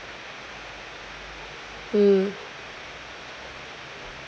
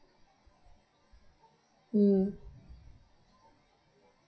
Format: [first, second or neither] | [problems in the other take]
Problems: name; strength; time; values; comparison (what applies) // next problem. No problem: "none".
first | noise reduction (classical method WPE with log-MMSE)